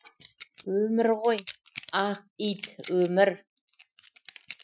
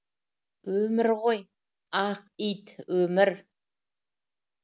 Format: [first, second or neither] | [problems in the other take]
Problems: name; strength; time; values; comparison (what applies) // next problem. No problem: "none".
second | noise reduction (classical method Wiener filter)